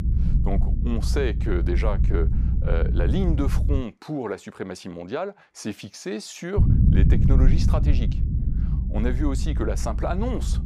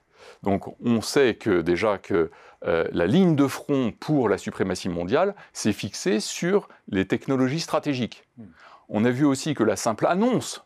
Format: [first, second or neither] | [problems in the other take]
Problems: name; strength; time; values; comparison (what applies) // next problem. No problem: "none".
second | low rumble; loud; until 4 s and from 6.5 s on; 6 dB below the speech